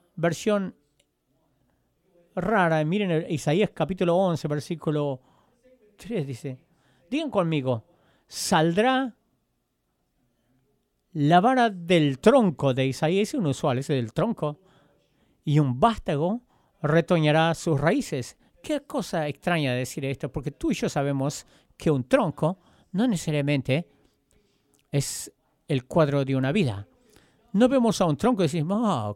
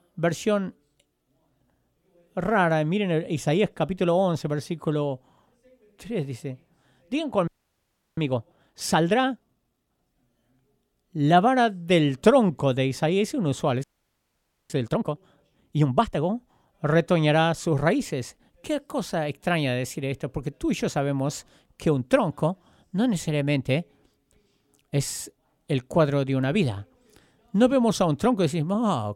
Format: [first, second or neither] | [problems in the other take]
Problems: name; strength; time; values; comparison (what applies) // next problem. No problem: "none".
first | audio freezing; at 7.5 s for 0.5 s and at 14 s for 1 s